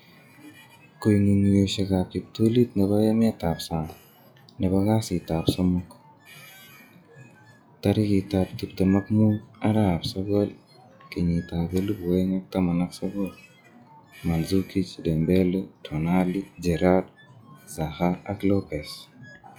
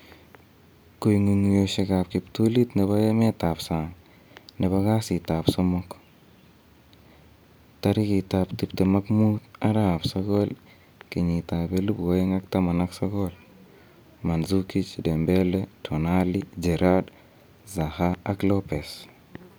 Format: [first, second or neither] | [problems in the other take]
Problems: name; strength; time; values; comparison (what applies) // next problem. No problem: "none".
second | noise reduction (classical method log-MMSE)